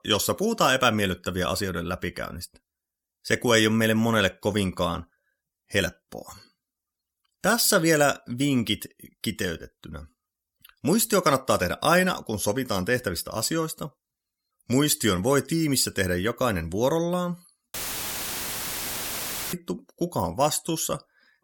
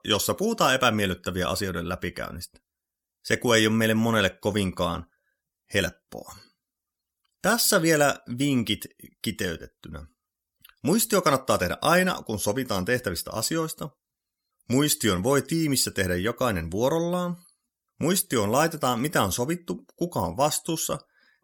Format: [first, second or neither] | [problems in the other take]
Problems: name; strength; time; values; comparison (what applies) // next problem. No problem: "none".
second | audio cutting out; filled with static; at 18 s for 2 s